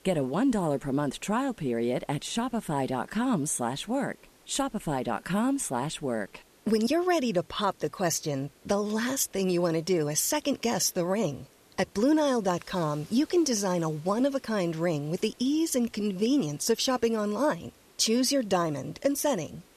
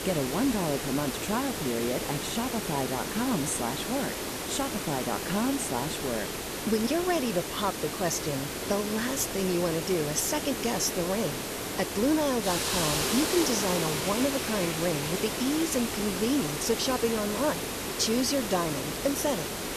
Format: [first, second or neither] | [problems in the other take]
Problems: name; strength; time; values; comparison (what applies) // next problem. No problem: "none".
first | hiss; loud; throughout; 2 dB below the speech; faint in the first